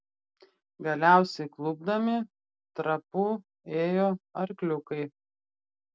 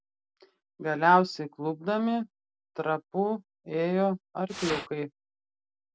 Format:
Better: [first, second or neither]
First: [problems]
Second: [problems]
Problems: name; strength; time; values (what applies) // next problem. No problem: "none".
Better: first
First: none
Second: background sound (Fire); 6 dB below the speech